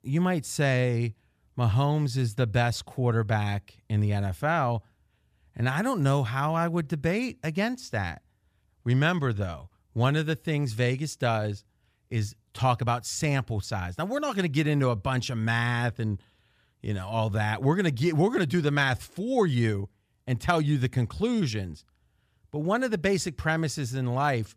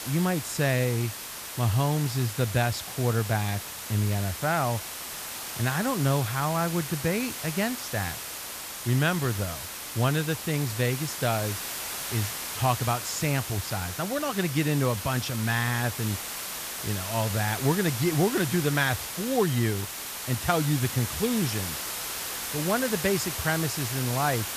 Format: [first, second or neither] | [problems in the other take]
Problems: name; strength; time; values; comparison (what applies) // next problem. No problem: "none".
first | hiss; loud; throughout; 5 dB below the speech